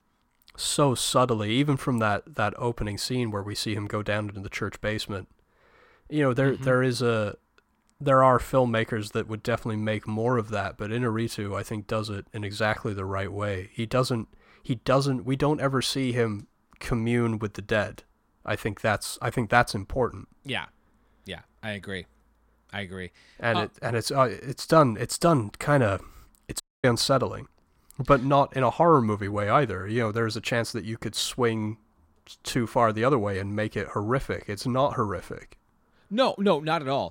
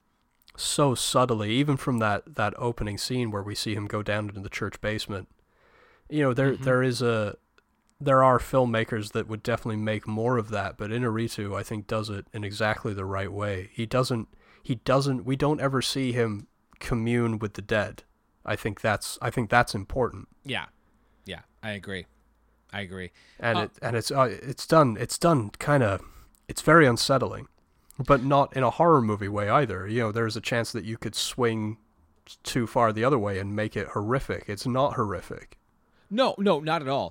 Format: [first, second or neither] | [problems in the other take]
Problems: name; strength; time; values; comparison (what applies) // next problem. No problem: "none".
second | audio cutting out; at 27 s